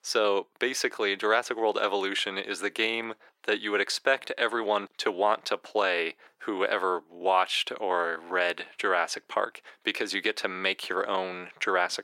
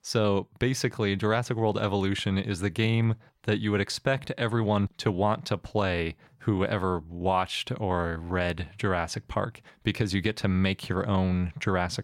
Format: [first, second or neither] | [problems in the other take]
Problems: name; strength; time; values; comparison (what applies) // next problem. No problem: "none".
second | thin; very; fading below 350 Hz